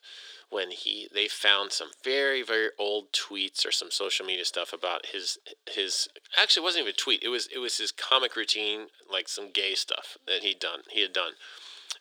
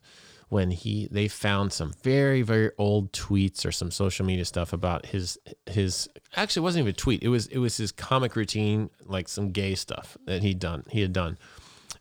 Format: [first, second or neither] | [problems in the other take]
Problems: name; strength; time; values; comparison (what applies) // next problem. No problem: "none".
second | thin; very; fading below 350 Hz